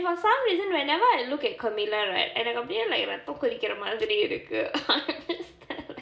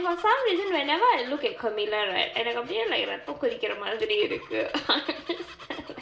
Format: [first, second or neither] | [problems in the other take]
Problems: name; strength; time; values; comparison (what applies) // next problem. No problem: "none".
first | background sound (Bird vocalization, bird call, bird song); 20 dB below the speech